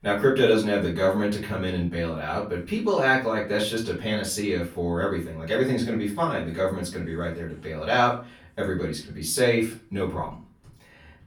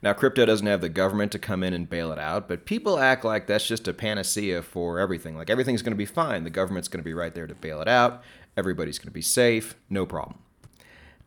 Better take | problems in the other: second | room echo; slight; dies away in 0.3 s // off-mic speech; far

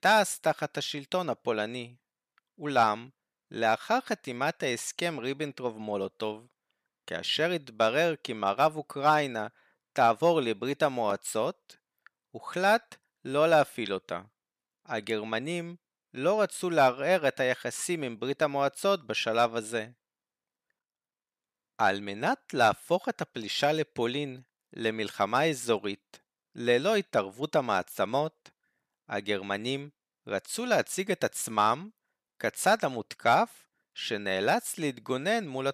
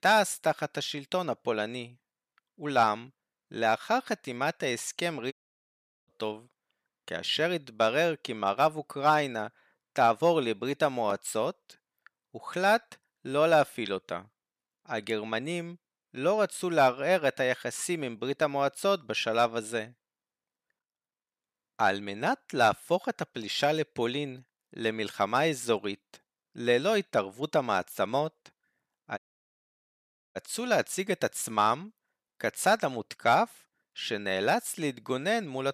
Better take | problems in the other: first | audio cutting out; at 5.5 s for 1 s and at 29 s for 1 s

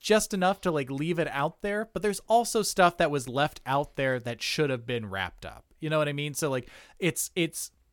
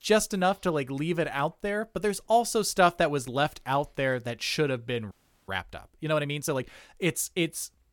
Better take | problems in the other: first | audio freezing; at 5 s

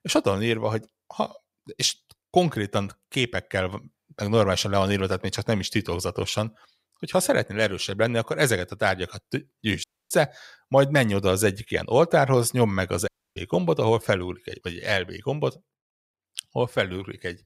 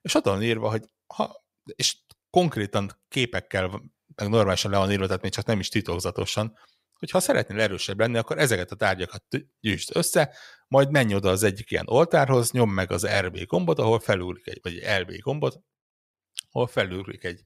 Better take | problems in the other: second | audio cutting out; at 10 s and at 13 s

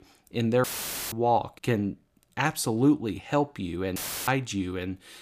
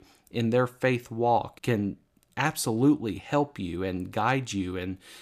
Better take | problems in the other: second | audio cutting out; filled with static; at 0.5 s and at 4 s

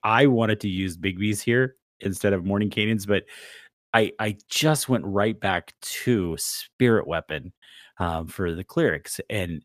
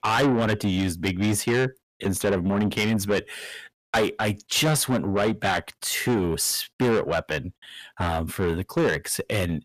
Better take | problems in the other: first | distortion; heavy; 6 dB below the speech

